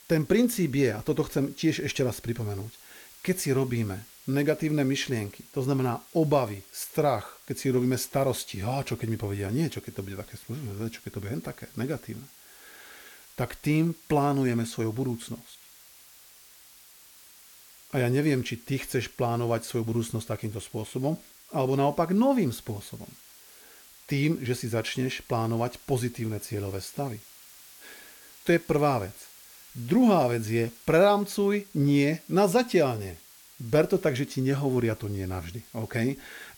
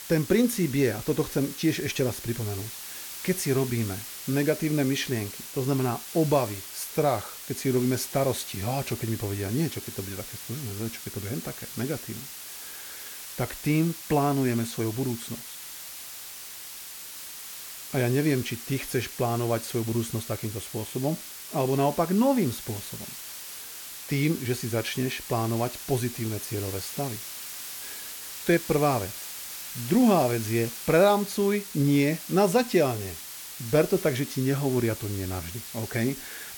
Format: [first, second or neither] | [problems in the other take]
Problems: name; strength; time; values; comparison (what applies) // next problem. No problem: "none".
first | hiss; loud; throughout; 10 dB below the speech; faint in the first